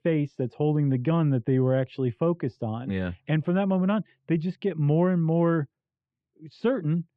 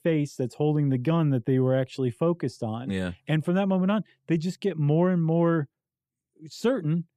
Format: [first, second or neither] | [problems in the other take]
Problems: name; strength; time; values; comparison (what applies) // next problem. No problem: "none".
second | muffled; slightly; fading above 3 kHz